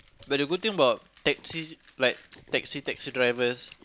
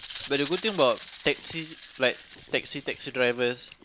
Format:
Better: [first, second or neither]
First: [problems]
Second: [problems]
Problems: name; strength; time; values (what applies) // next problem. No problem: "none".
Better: first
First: none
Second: background sound (Rattle (instrument)); 17 dB below the speech